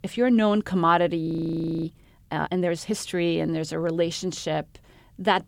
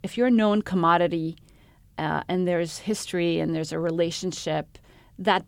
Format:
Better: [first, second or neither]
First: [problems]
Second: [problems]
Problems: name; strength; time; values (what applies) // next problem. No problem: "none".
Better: second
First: audio freezing; at 1.5 s for 0.5 s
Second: none